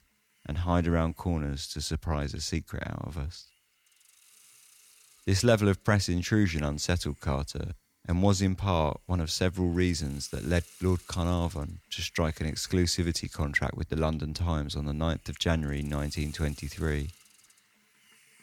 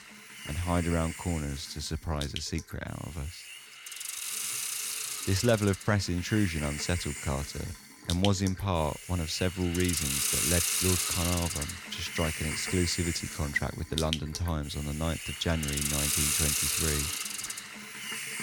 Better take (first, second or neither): first